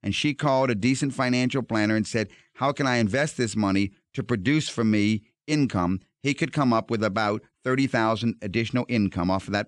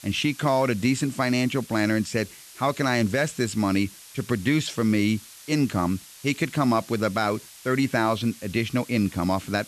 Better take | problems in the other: first | hiss; noticeable; throughout; 20 dB below the speech

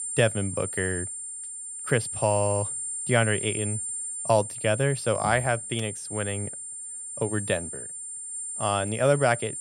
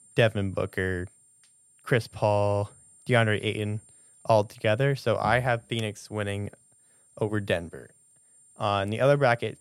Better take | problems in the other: second | high-pitched whine; loud; throughout; 9 kHz, 5 dB below the speech; faint in the second

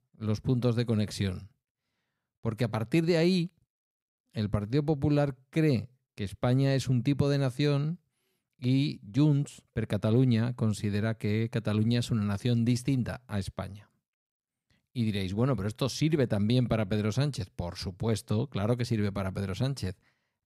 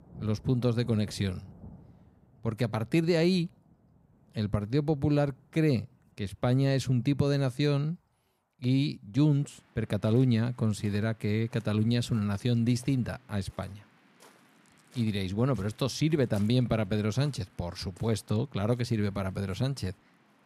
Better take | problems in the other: first | rain or running water; faint; throughout; 25 dB below the speech

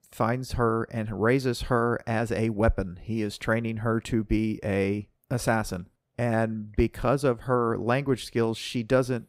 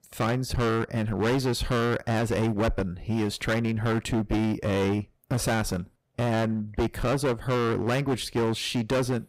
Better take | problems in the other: first | distortion; heavy; 22% of the sound clipped

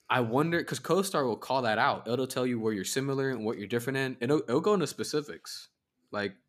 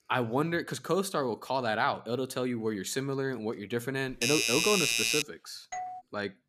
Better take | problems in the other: first | doorbell; loud; from 4 to 5 s; peak 6 dB above the speech // doorbell; noticeable; at 5.5 s; peak 8 dB below the speech

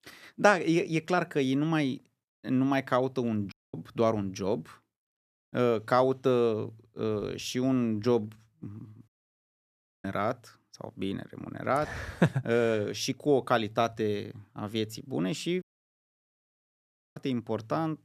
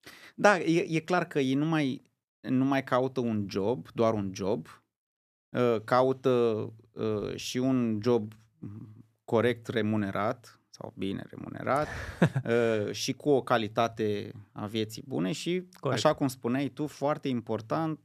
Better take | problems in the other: second | audio cutting out; at 3.5 s, at 9 s for 1 s and at 16 s for 1.5 s

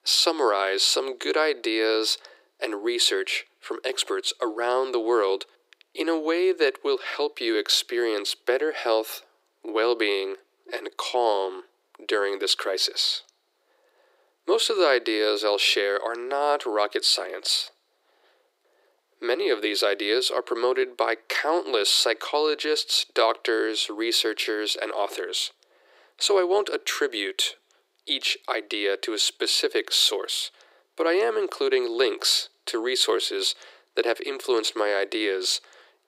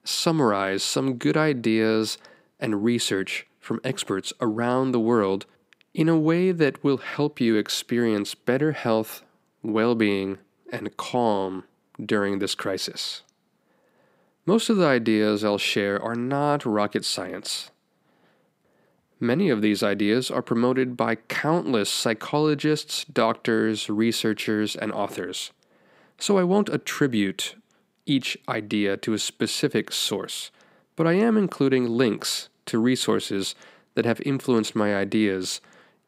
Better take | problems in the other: second | thin; very; fading below 350 Hz

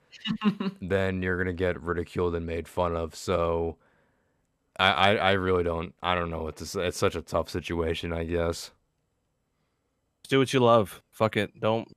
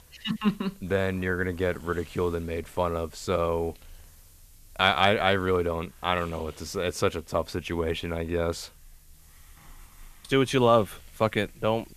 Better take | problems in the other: first | hiss; faint; throughout; 25 dB below the speech

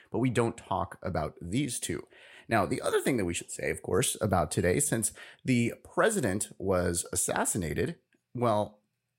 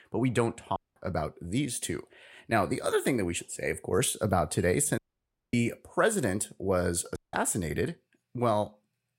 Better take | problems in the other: first | audio cutting out; at 1 s, at 5 s for 0.5 s and at 7 s

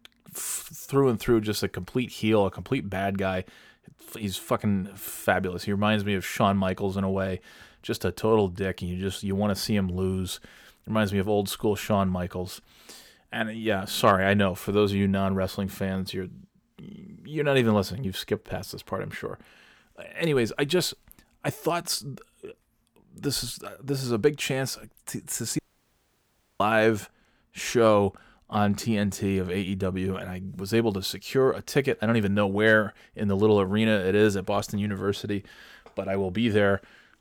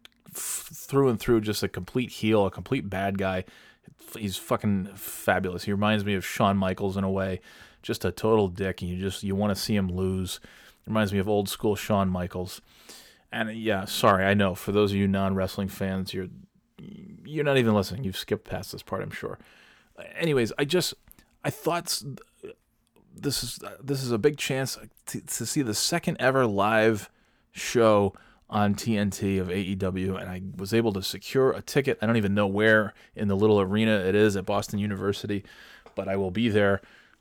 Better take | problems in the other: second | audio cutting out; at 26 s for 1 s

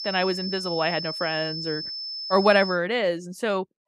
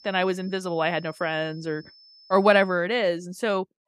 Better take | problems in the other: second | high-pitched whine; loud; until 2.5 s; 5.5 kHz, 6 dB below the speech; faint in the second

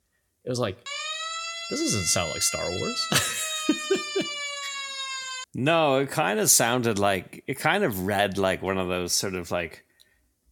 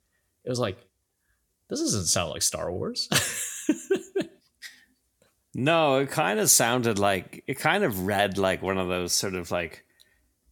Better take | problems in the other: second | siren; noticeable; from 1 to 5.5 s; peak 5 dB below the speech

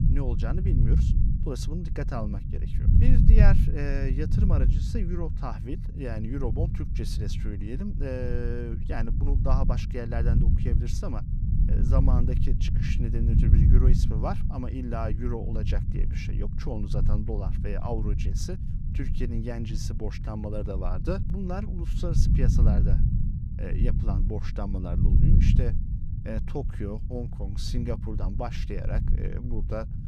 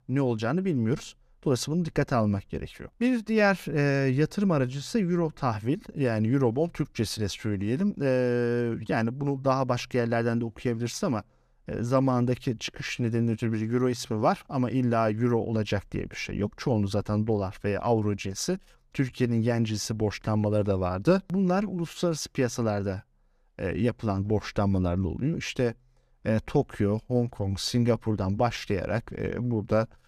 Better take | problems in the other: second | low rumble; loud; throughout; 4 dB below the speech

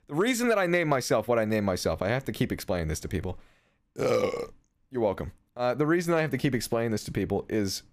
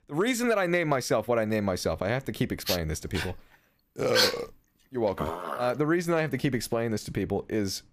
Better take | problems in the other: first | dog barking; loud; from 2.5 to 5.5 s; peak 4 dB above the speech

